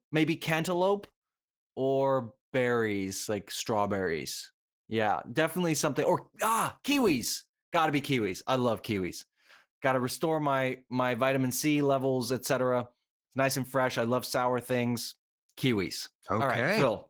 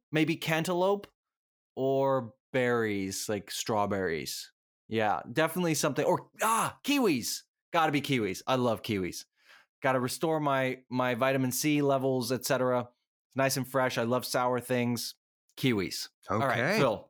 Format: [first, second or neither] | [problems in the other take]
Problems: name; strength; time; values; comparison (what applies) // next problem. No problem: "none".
second | garbled, watery; slightly; nothing above 19 kHz